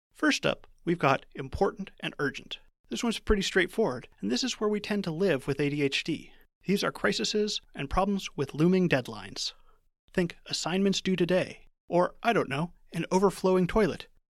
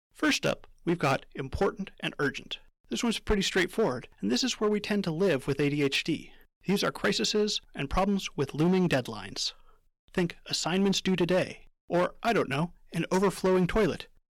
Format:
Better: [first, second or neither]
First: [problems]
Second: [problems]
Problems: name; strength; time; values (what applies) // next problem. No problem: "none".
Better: first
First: none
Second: distortion; slight; 6% of the sound clipped